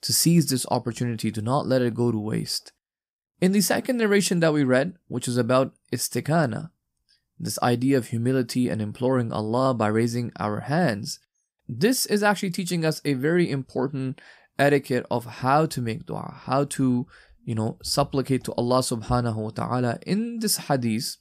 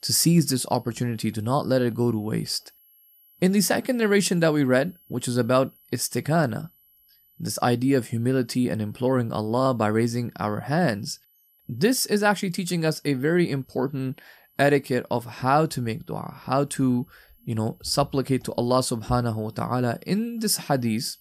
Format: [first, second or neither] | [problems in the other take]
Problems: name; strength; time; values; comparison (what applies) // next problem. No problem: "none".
first | high-pitched whine; faint; throughout; 12 kHz, 30 dB below the speech